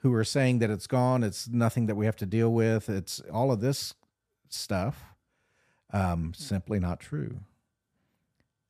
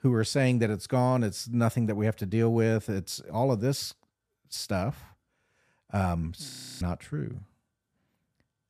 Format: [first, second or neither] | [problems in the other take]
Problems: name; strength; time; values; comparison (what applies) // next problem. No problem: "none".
first | audio freezing; at 6.5 s